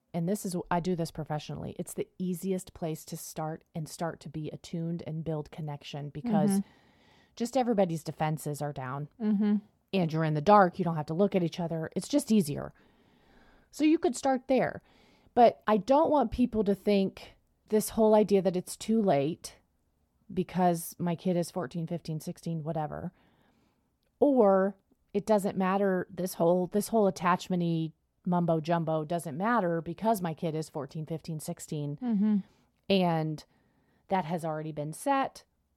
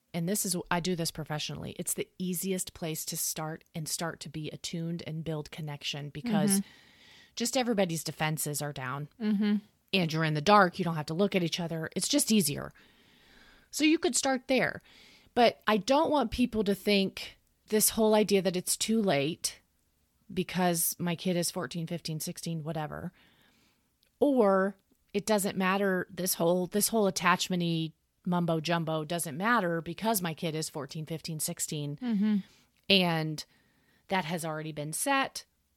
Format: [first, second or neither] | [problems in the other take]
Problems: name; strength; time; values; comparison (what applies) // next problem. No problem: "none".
second | muffled; slightly; fading above 1.5 kHz